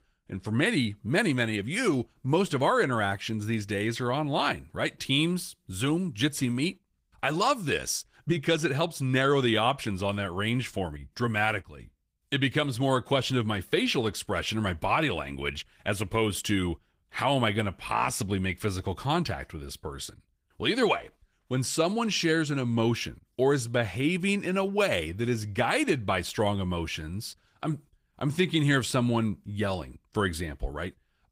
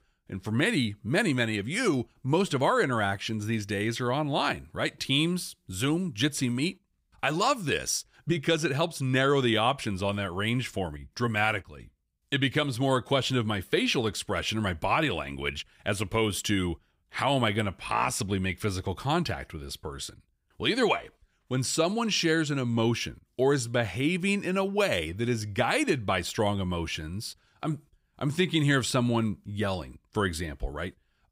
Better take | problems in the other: second | garbled, watery; slightly; nothing above 15.5 kHz

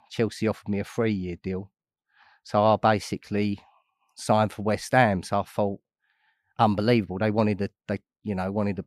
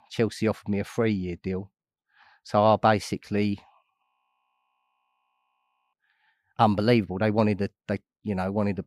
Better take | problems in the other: first | audio freezing; at 4 s for 2 s

